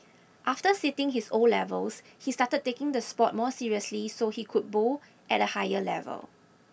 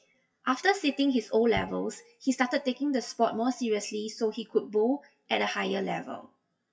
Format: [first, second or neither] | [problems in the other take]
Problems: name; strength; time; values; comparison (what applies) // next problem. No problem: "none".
first | noise reduction (classical method WPE with log-MMSE)